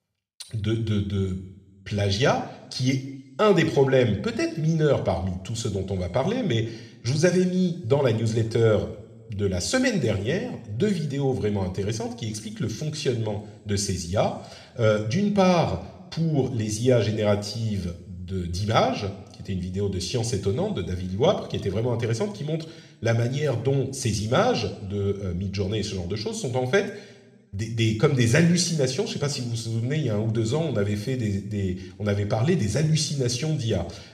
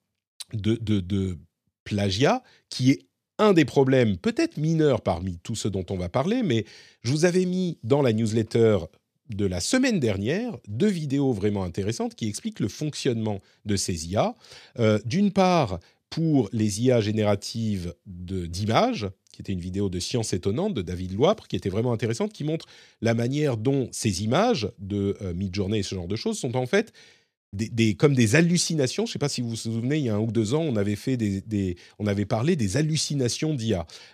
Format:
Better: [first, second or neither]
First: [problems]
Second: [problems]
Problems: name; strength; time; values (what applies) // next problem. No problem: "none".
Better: second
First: room echo; slight; dies away in 0.7 s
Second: none